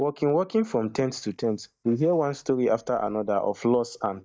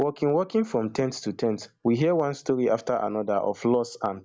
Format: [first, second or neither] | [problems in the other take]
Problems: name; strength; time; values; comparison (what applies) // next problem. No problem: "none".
second | noise reduction (neural mask model DeepFilterNet 3)